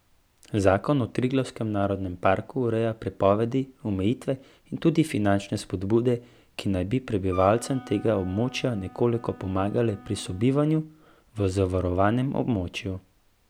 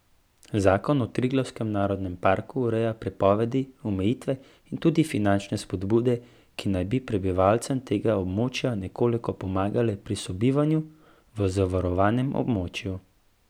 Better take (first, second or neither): second